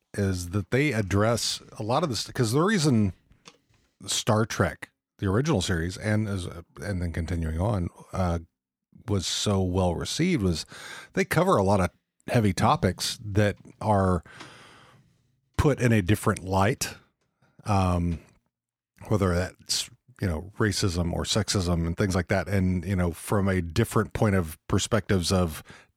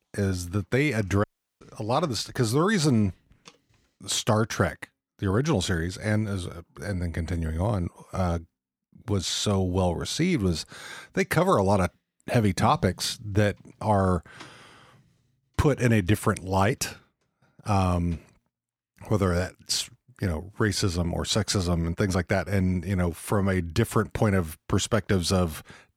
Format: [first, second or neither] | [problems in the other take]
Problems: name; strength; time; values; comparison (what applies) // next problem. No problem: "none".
first | audio cutting out; at 1 s